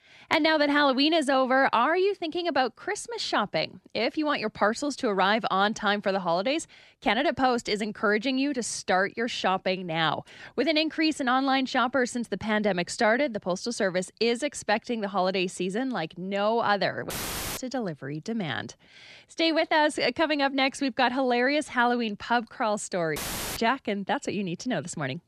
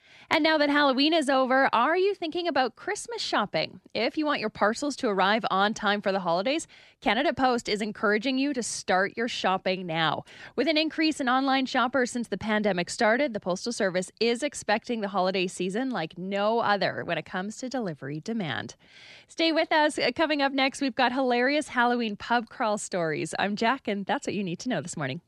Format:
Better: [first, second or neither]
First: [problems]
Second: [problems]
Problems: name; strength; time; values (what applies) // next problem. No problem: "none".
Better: second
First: audio cutting out; filled with static; at 17 s and at 23 s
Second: none